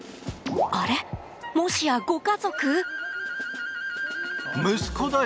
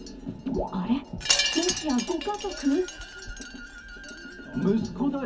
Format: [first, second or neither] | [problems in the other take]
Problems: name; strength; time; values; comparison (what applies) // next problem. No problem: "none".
first | background sound (Wind chime); 4 dB below the speech // room echo; dies away in 0.4 s